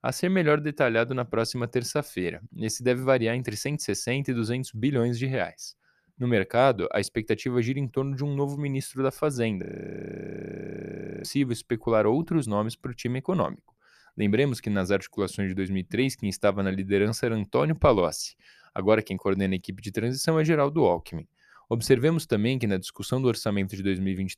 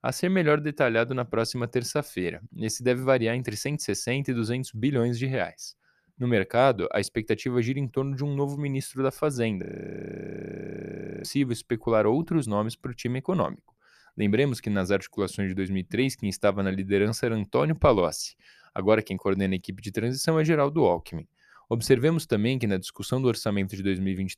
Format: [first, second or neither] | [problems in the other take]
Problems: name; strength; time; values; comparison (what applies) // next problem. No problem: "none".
neither | audio freezing; at 9.5 s for 1.5 s; the same in both